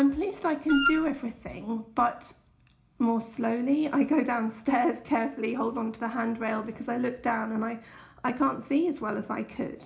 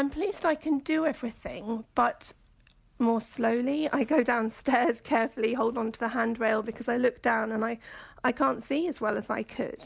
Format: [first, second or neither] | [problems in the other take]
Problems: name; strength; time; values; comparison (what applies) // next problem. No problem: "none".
second | background sound (Wind instrument, woodwind instrument); 1 dB below the speech // room echo; dies away in 0.4 s